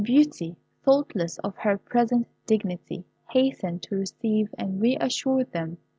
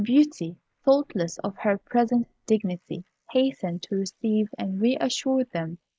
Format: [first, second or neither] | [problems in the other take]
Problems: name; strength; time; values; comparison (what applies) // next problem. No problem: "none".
first | noise reduction (neural mask model Resemble Enhance denoiser)